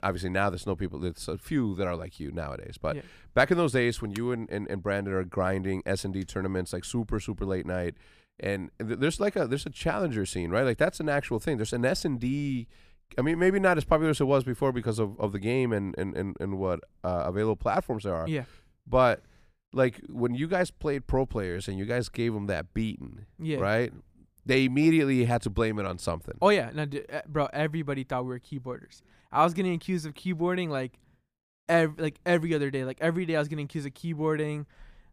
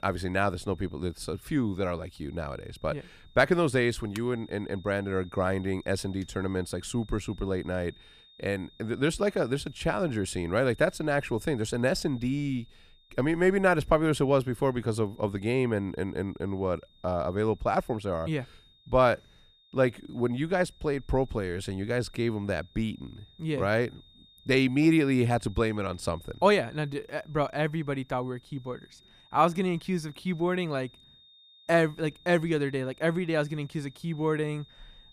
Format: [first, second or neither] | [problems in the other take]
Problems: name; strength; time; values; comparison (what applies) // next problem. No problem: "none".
first | high-pitched whine; faint; throughout; 3.5 kHz, 30 dB below the speech